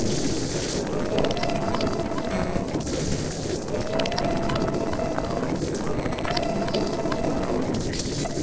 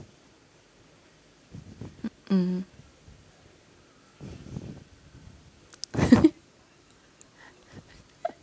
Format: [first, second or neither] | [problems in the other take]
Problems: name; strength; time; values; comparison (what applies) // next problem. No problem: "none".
second | noise reduction (neural separator model SepFormer DNS4)